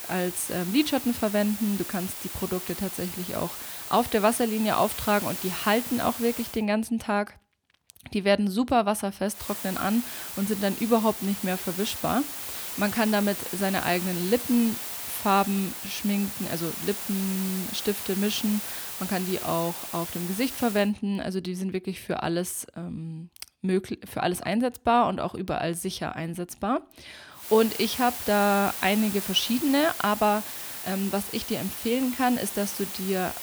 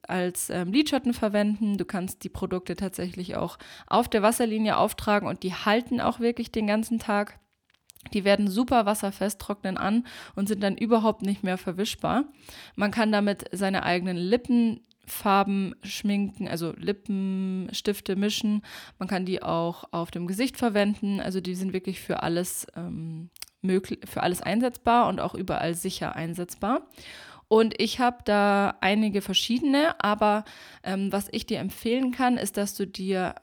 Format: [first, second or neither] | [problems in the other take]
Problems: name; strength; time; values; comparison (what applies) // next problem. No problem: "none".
second | hiss; loud; until 6.5 s, from 9.5 to 21 s and from 27 s on; 6 dB below the speech